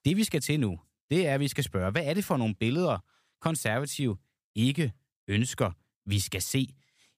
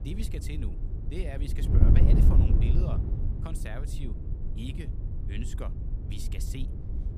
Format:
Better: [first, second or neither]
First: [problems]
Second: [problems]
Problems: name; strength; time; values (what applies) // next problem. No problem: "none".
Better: first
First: none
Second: wind noise on the microphone; heavy; 1 dB above the speech